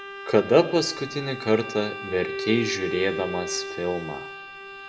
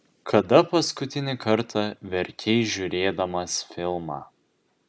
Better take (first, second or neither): second